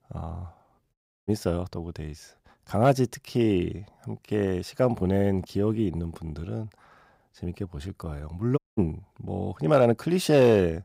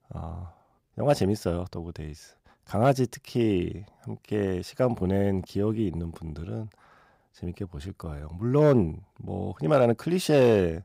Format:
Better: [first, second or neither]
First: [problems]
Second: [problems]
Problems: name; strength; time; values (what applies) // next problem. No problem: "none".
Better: second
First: audio cutting out; at 1 s and at 8.5 s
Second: none